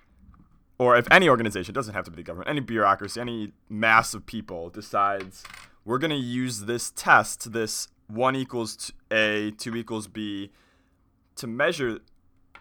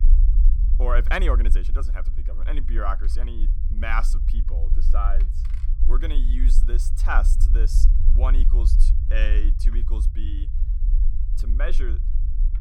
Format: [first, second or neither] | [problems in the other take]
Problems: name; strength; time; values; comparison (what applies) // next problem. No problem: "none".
first | low rumble; noticeable; throughout; 15 dB below the speech